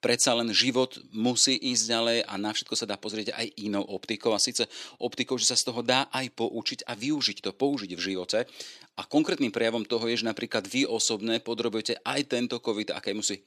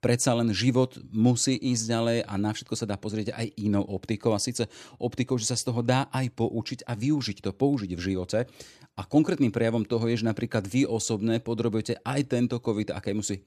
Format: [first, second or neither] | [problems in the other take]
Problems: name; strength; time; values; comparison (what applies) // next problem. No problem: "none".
second | thin; very slightly; fading below 300 Hz